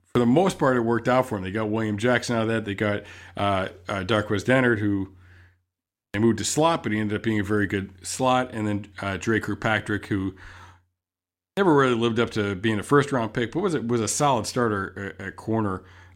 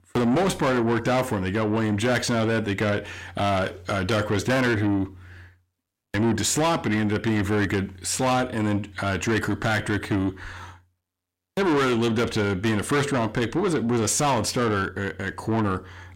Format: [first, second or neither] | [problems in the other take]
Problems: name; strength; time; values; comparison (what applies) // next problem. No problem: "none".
first | distortion; heavy; 7 dB below the speech